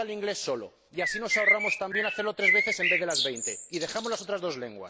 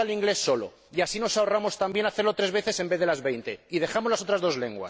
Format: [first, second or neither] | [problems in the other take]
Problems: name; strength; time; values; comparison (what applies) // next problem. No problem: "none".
second | background sound (Bird); 4 dB above the speech